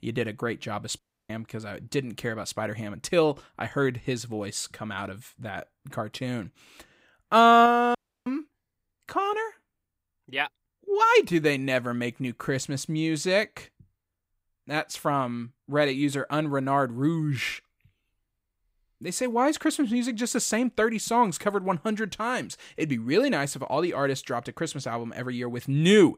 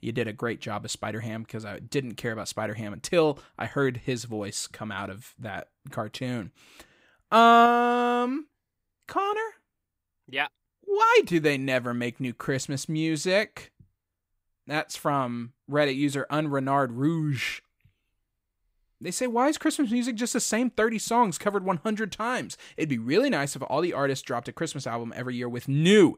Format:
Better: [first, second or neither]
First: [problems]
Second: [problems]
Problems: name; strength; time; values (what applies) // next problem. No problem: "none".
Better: second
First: audio cutting out; at 1 s and at 8 s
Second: none